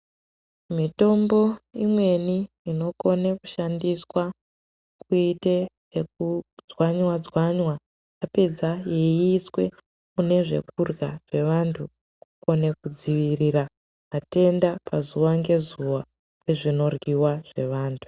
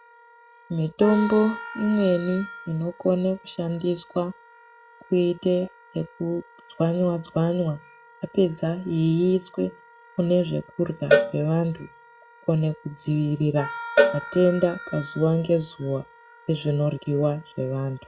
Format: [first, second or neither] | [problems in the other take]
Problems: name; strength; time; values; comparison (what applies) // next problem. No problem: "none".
first | noise reduction (classical method log-MMSE)